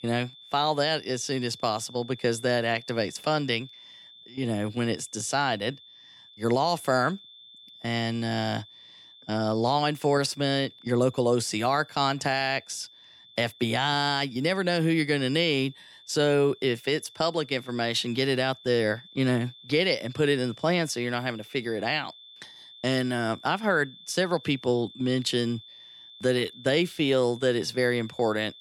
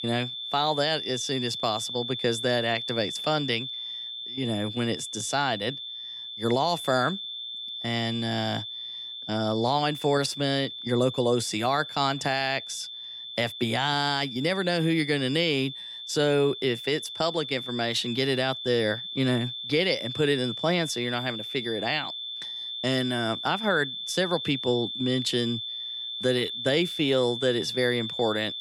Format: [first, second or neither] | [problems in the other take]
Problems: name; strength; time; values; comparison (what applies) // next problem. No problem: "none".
first | high-pitched whine; loud; throughout; 3.5 kHz, 6 dB below the speech; faint in the first